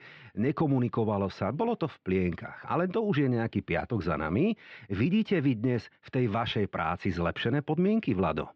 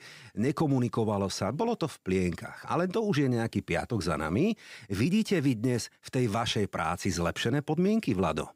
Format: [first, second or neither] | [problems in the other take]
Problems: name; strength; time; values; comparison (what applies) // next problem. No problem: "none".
second | muffled; slightly; fading above 3.5 kHz